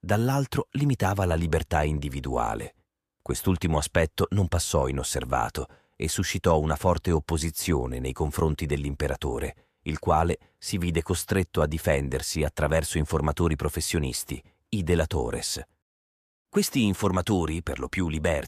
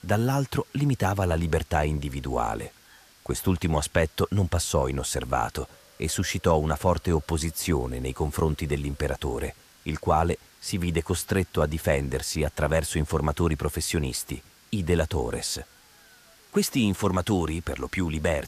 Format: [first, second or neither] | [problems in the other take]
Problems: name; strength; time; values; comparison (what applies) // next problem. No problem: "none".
first | hiss; faint; throughout; 25 dB below the speech